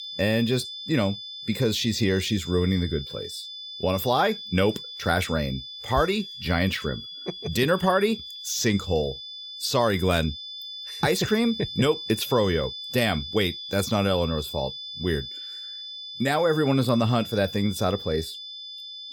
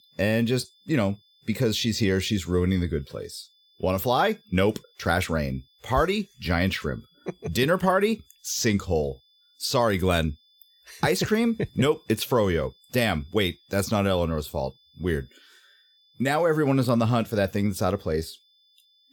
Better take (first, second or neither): second